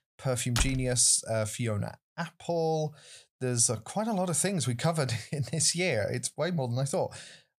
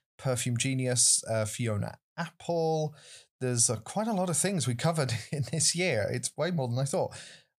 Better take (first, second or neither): second